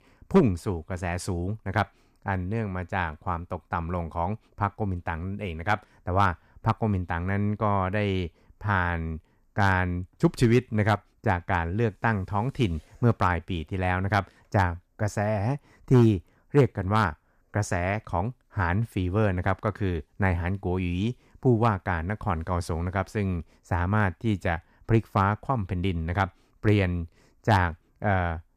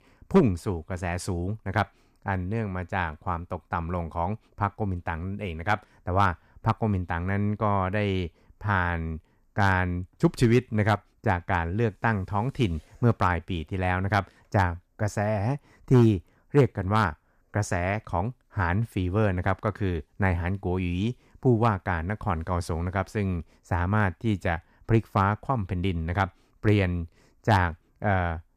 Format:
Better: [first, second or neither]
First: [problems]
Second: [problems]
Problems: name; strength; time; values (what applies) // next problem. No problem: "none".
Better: neither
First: none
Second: none